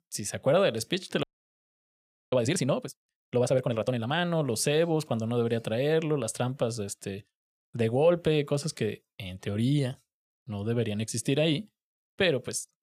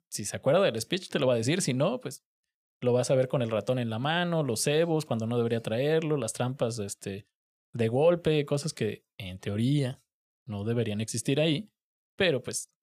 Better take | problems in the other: second | audio freezing; at 1 s for 1 s

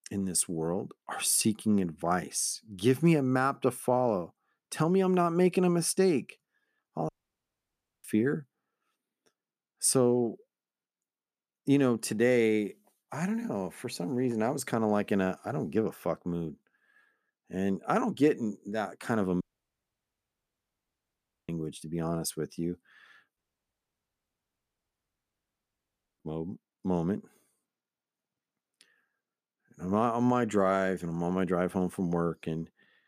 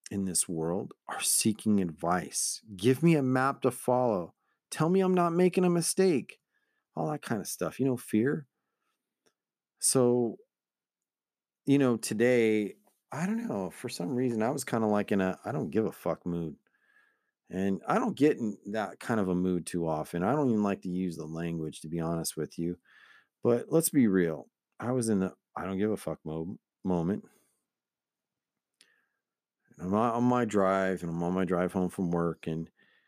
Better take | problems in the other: second | audio cutting out; at 7 s for 1 s, at 19 s for 2 s and at 23 s for 3 s

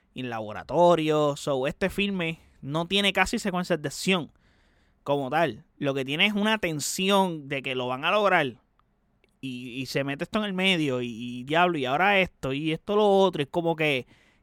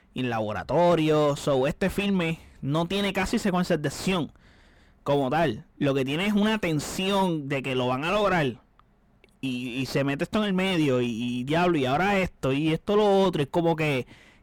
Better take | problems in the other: first | distortion; heavy; 6 dB below the speech

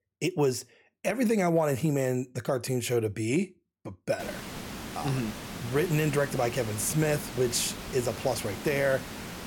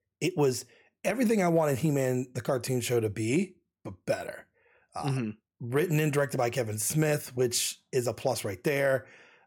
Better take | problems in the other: second | hiss; loud; from 4 s on; 10 dB below the speech

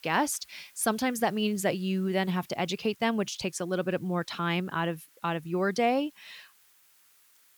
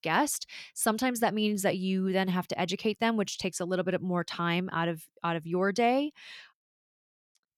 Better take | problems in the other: second | hiss; faint; throughout; 30 dB below the speech

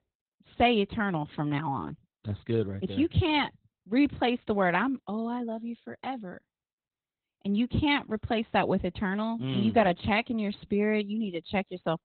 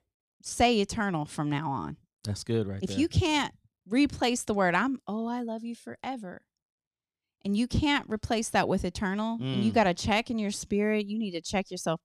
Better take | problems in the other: second | garbled, watery; badly; nothing above 4 kHz

